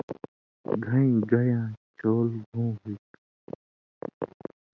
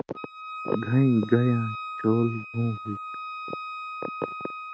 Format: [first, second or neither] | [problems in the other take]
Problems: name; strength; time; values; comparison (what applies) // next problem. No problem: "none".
first | background sound (Wind instrument, woodwind instrument); 10 dB below the speech